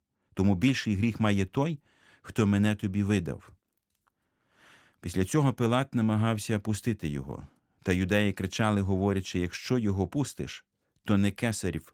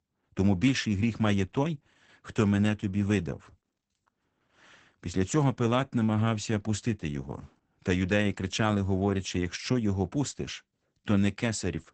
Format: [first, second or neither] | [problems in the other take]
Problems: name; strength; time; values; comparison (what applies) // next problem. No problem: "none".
first | garbled, watery; badly; nothing above 8 kHz; slightly in the first